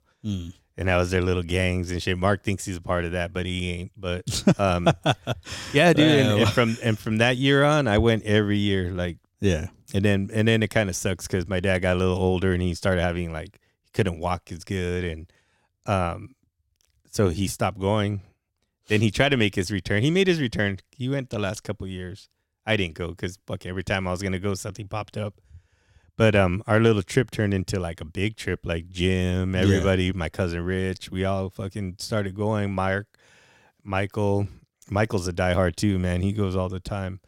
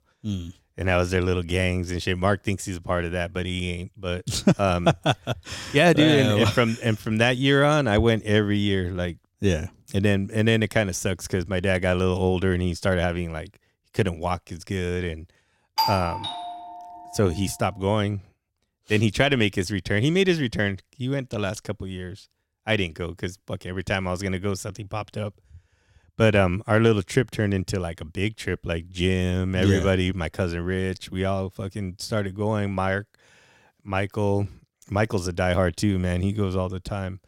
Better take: first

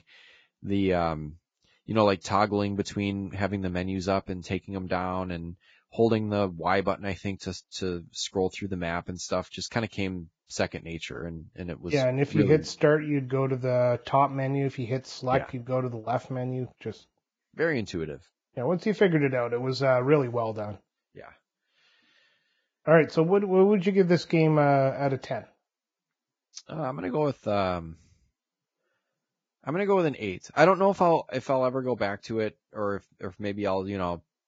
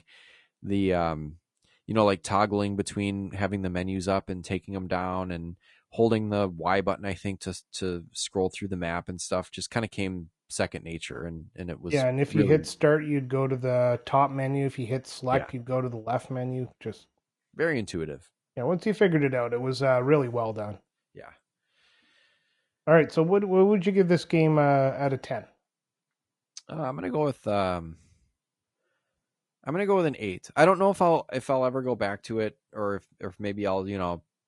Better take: second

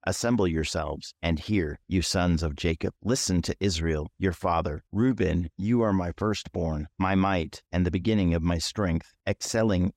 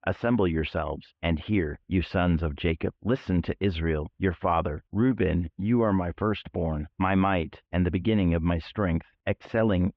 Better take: first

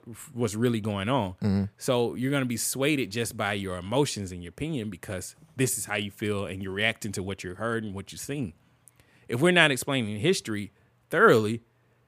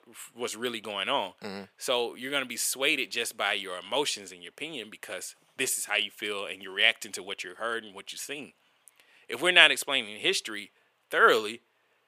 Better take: first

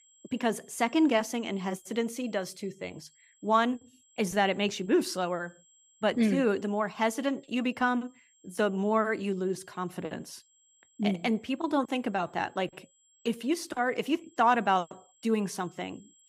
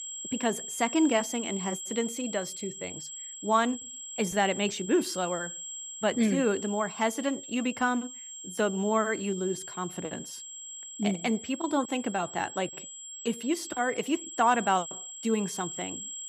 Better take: first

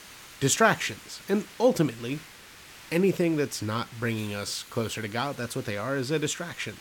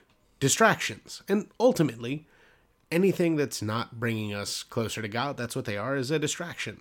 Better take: second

